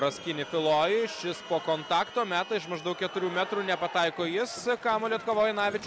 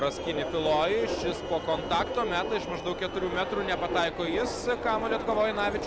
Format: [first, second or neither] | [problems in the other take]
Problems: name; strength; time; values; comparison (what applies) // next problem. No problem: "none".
first | background sound (Subway, metro, underground); 5 dB below the speech